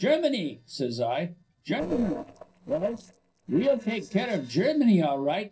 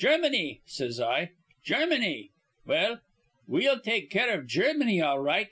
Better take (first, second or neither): second